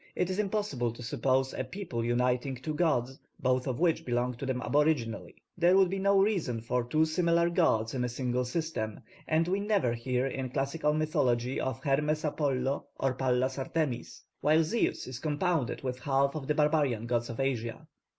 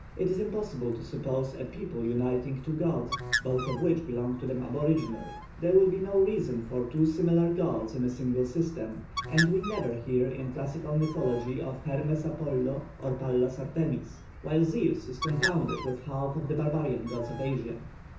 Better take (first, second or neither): first